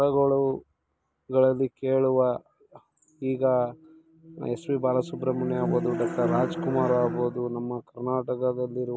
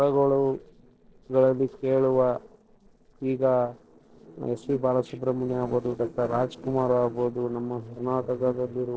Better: first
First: none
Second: noise reduction (neural separator model SepFormer DNS4)

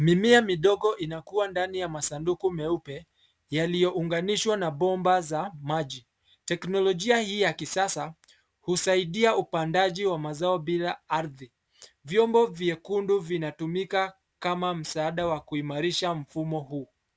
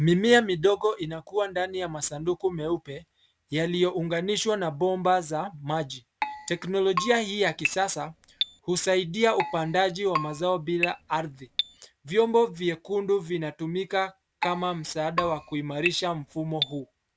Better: first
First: none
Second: background sound (Keyboard (musical)); 7 dB below the speech

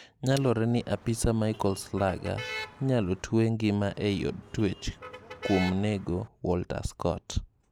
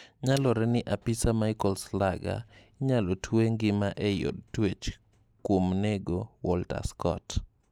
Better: second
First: background sound (Motor vehicle (road)); 14 dB below the speech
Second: none

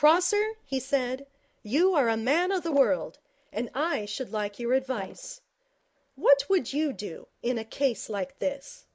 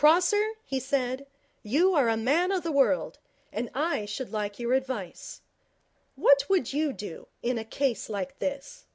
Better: second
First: noise reduction (neural mask model Resemble Enhance denoiser)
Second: none

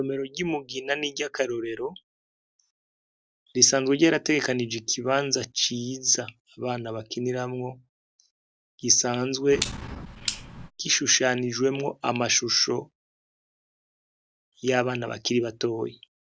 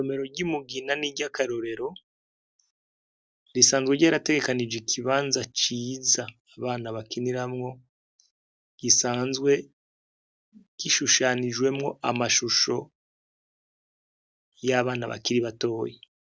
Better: second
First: background sound (Clock); 9 dB below the speech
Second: none

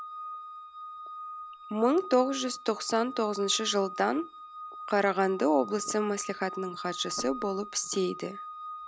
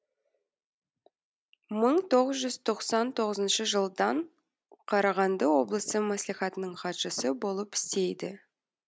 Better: second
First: background sound (Organ); 12 dB below the speech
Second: none

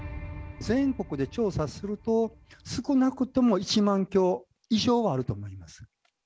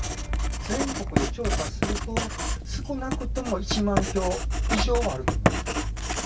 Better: first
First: none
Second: background sound (Writing); 4 dB above the speech // room echo; dies away in 0.1 s

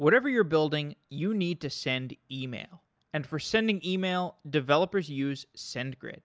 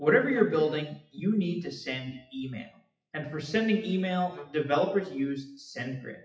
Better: first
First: none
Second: noise reduction (classical method WPE with log-MMSE)

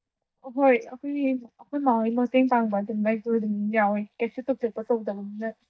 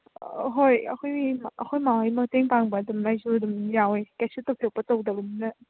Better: second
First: noise reduction (neural mask model DeepFilterNet 3)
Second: none

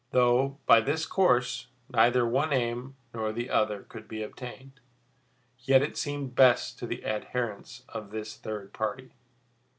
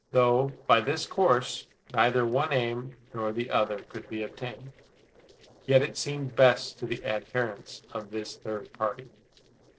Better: first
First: none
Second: noise reduction (neural separator model SepFormer DNS4)

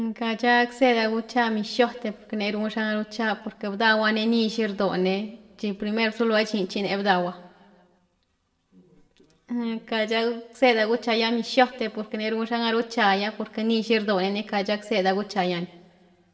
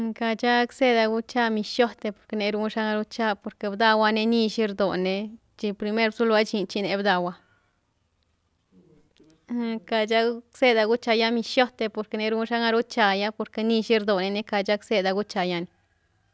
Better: second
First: room echo; dies away in 1 s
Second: none

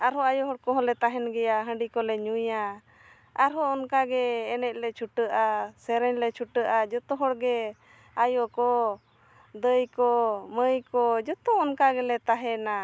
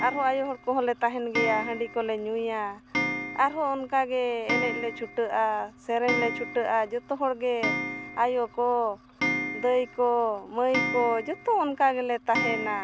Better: first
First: none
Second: background sound (Clock); 6 dB below the speech

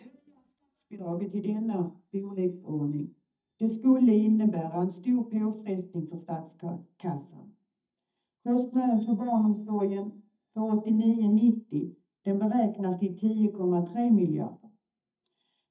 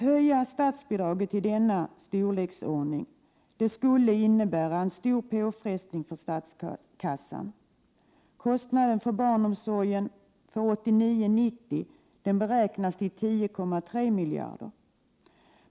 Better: second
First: noise reduction (neural mask model DeepFilterNet 3)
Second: none

